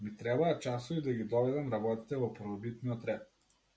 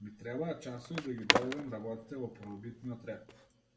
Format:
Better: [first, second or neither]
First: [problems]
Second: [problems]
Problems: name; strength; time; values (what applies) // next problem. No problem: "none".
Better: first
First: none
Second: background sound (Skateboard); 2 dB above the speech // room echo; dies away in 1 s